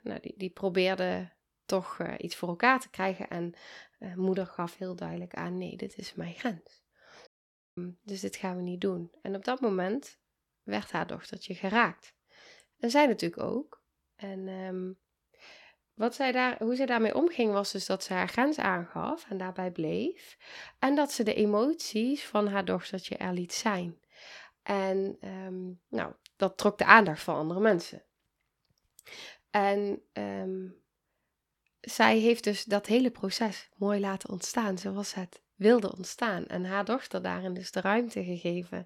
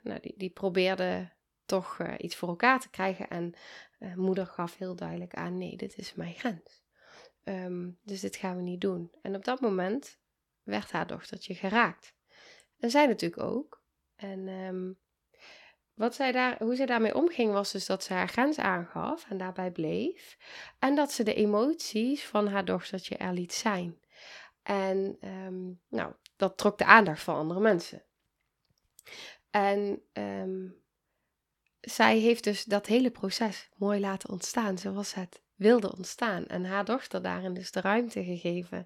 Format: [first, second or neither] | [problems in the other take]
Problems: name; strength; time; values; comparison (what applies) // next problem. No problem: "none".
second | audio cutting out; at 7.5 s for 0.5 s